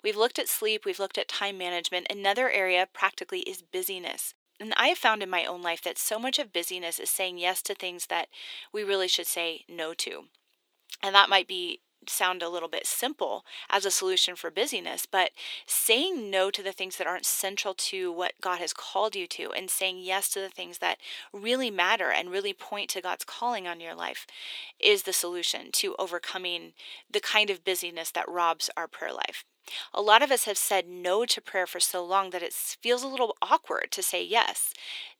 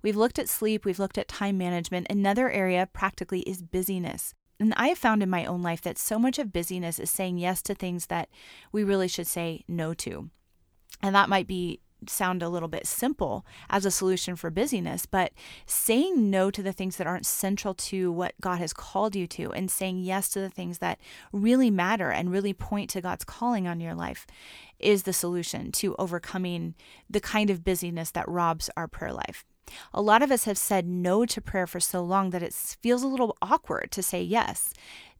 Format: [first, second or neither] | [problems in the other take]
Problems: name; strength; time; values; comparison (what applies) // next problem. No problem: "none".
second | thin; very; fading below 350 Hz